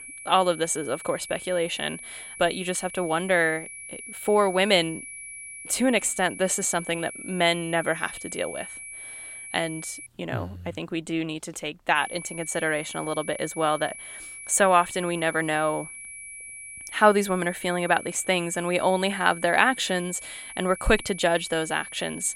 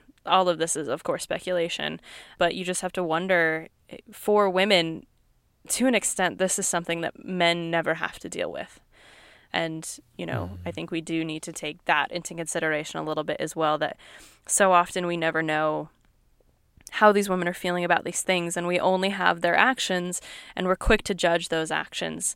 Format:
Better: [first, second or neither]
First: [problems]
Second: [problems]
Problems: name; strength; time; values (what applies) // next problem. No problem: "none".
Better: second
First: high-pitched whine; noticeable; until 10 s and from 12 s on; 2.5 kHz, 15 dB below the speech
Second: none